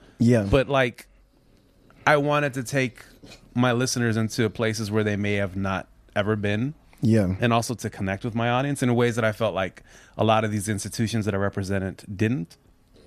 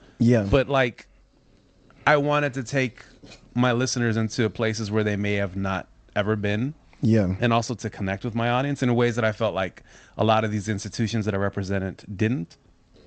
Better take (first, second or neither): first